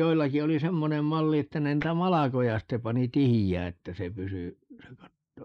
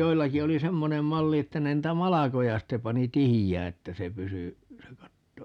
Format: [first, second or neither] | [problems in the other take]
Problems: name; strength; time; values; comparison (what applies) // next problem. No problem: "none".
second | noise reduction (neural mask model Resemble Enhance denoiser)